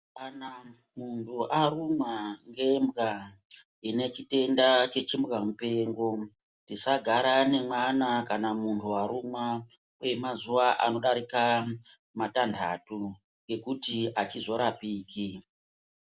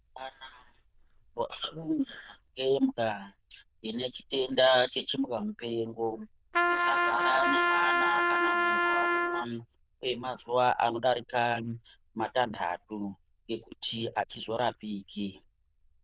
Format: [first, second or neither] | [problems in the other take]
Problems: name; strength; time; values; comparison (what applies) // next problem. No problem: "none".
first | noise reduction (neural diffusion model UNIVERSE++)